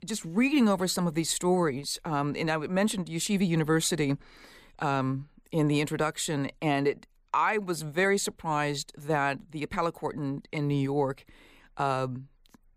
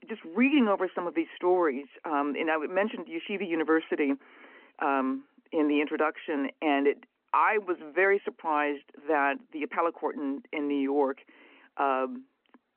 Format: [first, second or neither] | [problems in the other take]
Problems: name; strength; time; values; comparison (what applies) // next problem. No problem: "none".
first | phone-call audio